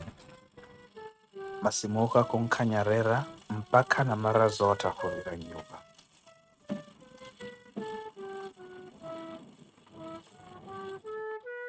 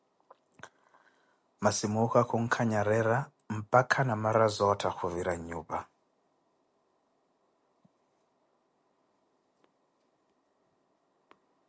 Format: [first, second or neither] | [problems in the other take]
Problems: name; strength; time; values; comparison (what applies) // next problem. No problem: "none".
second | noise reduction (neural mask model RNNoise)